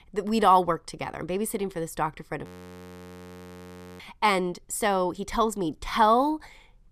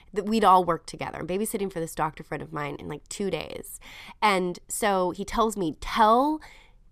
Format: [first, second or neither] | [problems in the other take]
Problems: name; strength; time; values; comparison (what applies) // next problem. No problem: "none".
second | audio freezing; at 2.5 s for 1.5 s